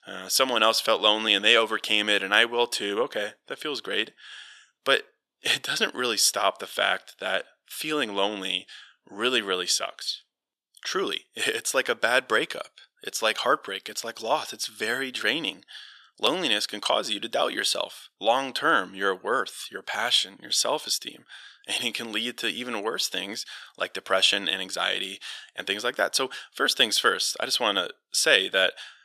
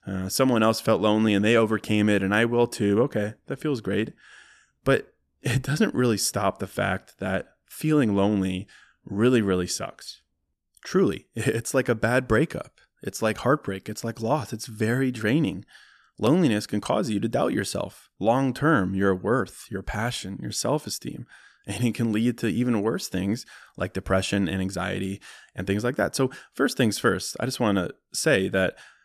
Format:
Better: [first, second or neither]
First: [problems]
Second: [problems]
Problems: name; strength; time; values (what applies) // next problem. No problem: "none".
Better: second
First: thin; very; fading below 600 Hz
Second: none